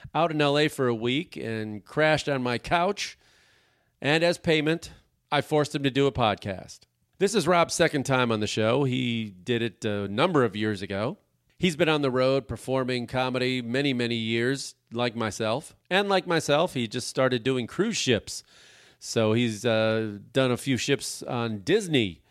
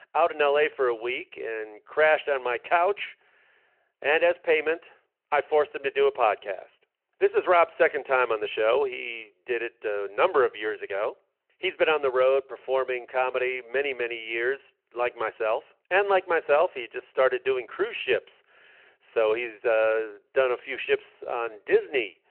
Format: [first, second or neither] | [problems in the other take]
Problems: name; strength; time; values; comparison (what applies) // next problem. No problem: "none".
first | phone-call audio